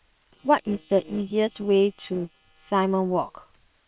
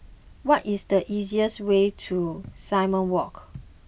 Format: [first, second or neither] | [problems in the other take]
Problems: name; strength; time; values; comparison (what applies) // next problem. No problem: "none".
second | noise reduction (neural separator model SepFormer WHAM!)